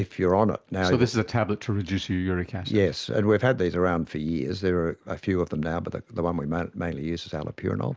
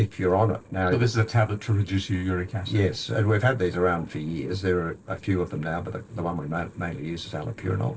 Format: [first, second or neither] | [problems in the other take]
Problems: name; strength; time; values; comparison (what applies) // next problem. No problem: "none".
first | noise reduction (neural separator model SepFormer DNS4)